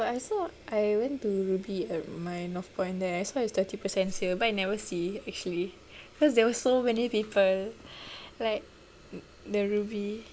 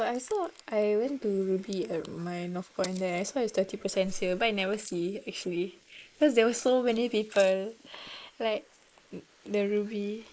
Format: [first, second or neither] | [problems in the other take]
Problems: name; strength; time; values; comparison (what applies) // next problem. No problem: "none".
first | noise reduction (neural mask model Resemble Enhance denoiser)